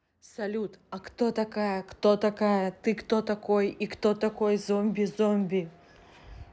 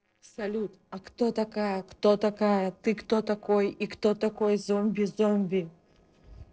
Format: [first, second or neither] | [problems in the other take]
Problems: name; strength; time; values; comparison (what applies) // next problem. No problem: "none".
first | noise reduction (neural separator model SepFormer DNS4)